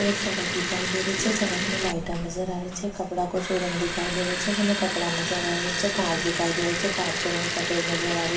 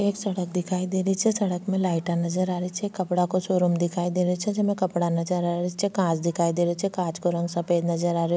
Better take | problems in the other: second | background sound (Liquid); 1 dB below the speech // room echo; dies away in 2.2 s

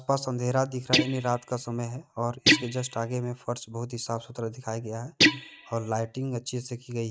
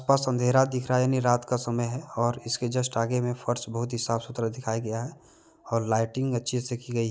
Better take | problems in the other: second | noise reduction (neural mask model RNNoise)

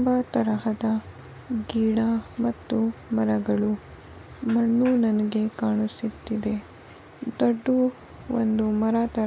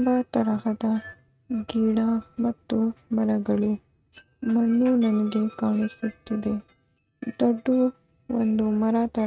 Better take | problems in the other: first | noise reduction (neural mask model RNNoise)

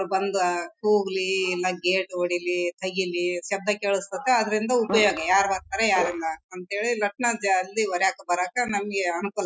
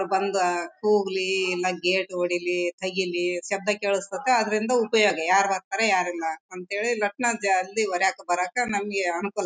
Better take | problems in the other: second | noise reduction (classical method Wiener filter)

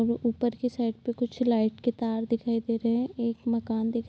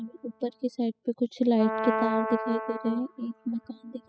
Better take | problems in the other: first | noise reduction (classical method spectral subtraction)

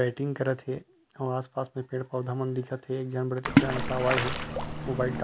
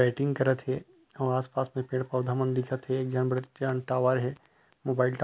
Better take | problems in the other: second | background sound (Splash, splatter); 3 dB above the speech

